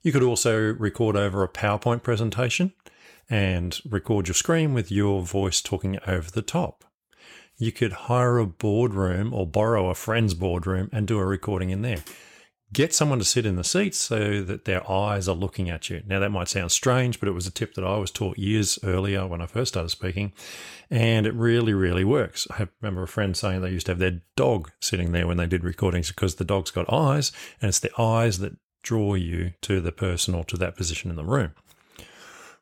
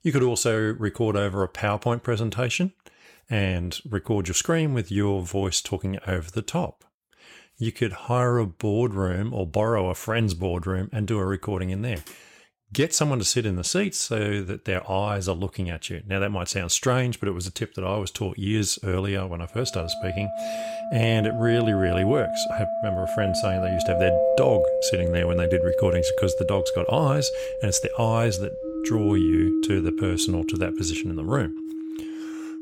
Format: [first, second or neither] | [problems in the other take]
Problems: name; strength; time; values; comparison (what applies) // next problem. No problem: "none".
first | background music; loud; from 20 s on; 1 dB below the speech